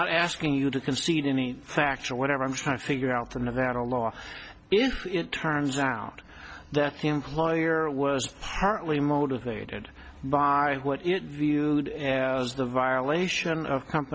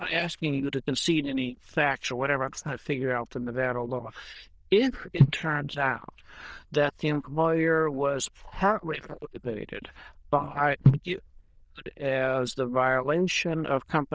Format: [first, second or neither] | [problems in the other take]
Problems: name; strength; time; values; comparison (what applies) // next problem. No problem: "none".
first | noise reduction (neural diffusion model UNIVERSE++)